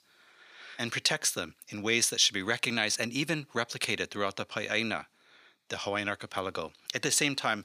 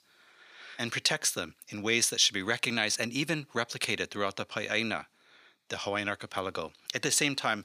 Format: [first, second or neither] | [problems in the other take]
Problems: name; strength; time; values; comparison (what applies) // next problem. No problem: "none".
neither | thin; somewhat; fading below 900 Hz; the same in both